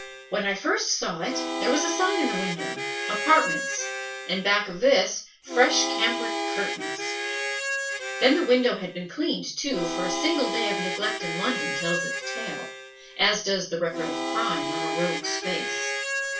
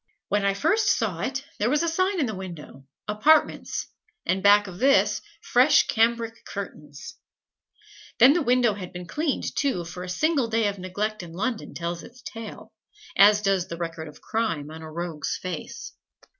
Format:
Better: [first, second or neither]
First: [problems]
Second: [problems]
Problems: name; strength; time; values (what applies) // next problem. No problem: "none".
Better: second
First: background sound (Harmonica); 4 dB below the speech // room echo; dies away in 0.2 s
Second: none